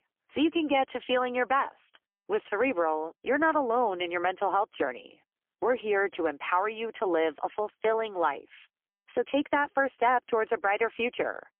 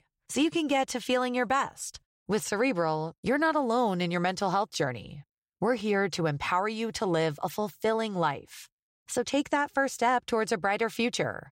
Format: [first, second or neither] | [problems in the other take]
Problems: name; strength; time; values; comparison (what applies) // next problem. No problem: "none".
second | phone-call audio; poor line; nothing above 3 kHz